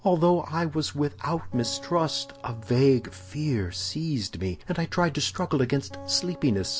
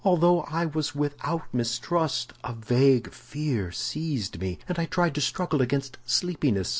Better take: second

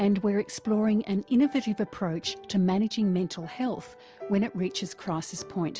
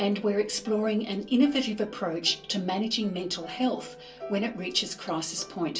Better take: first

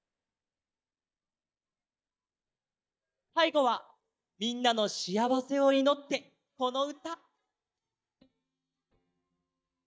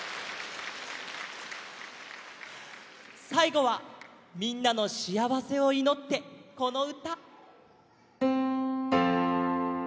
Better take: second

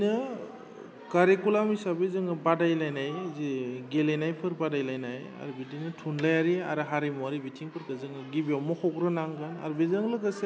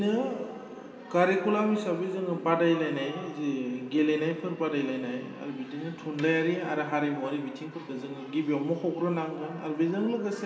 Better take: first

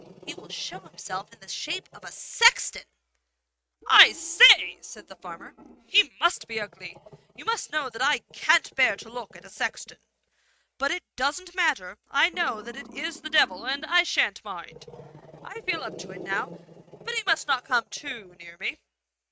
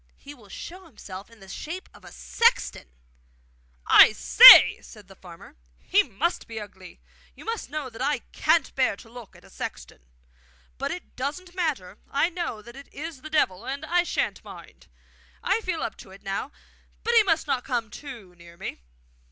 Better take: second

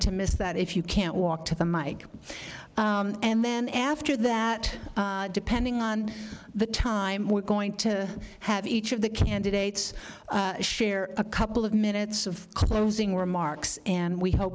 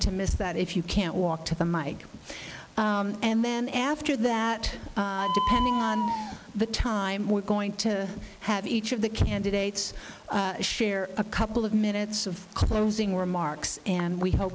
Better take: first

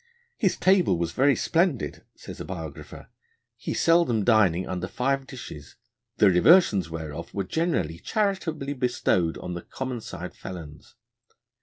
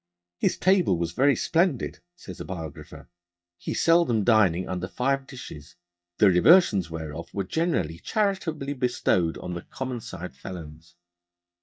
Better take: first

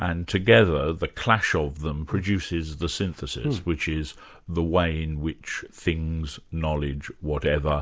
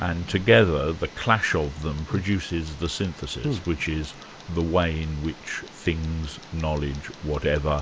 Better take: first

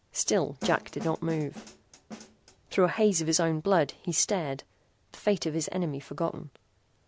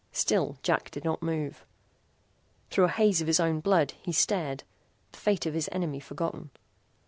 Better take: second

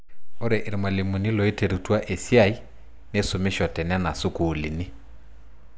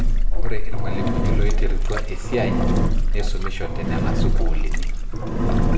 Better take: first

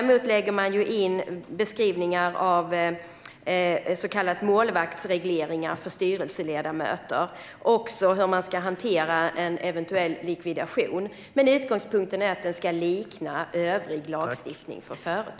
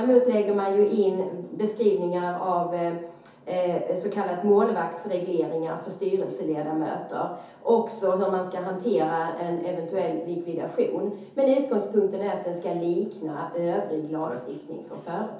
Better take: first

